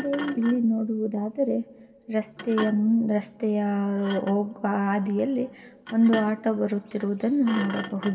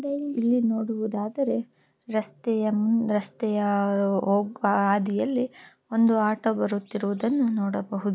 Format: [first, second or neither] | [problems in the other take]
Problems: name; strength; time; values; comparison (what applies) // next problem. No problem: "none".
second | background sound (Thump, thud); 15 dB below the speech // room echo; dies away in 1 s